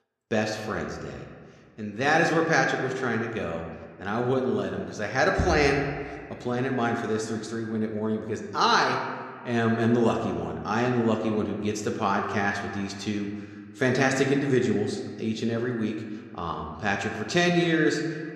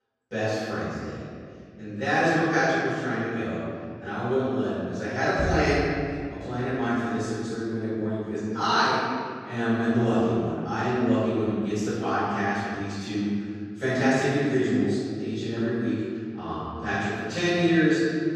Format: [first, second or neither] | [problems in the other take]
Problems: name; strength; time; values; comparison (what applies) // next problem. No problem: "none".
first | room echo; strong; dies away in 2.2 s; slight in the first // off-mic speech; far